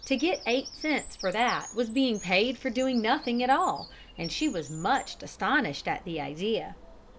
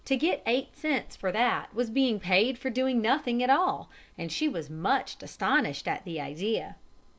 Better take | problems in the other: second | background sound (Bird vocalization, bird call, bird song); 17 dB below the speech

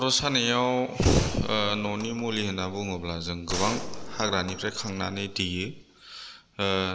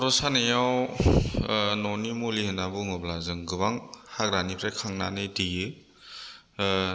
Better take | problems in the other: second | background sound (Gunshot, gunfire); 8 dB below the speech

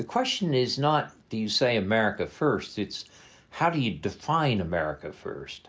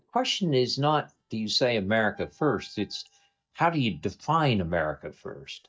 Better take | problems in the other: first | noise reduction (neural mask model DeepFilterNet 3)

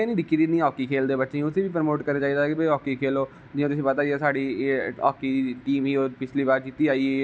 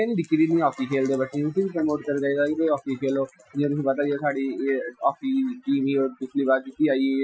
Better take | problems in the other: first | noise reduction (classical method Wiener filter)

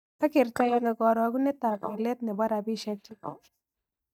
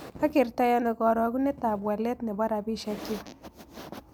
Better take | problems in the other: second | noise reduction (neural mask model DeepFilterNet 3)

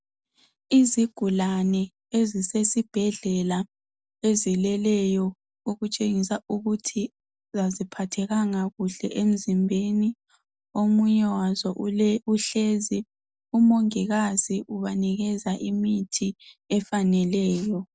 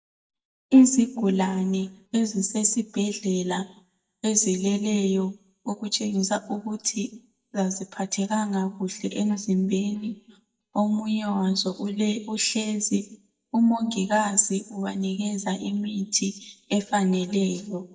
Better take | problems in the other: first | noise reduction (neural mask model DeepFilterNet 3)

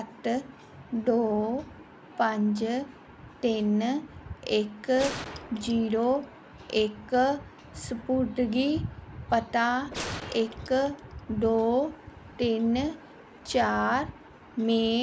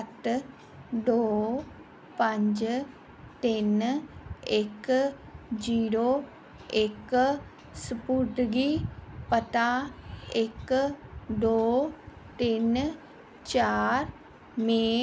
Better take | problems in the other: second | background sound (Gunshot, gunfire); 11 dB below the speech

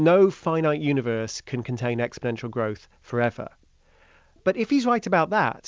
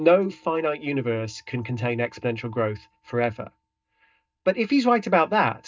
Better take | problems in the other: first | noise reduction (neural mask model DeepFilterNet 3)

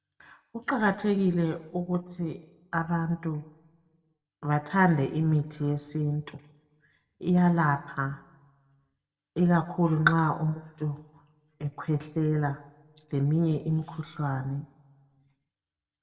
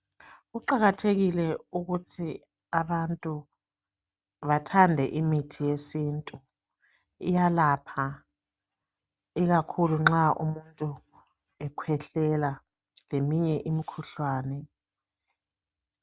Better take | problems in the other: second | room echo; dies away in 0.6 s

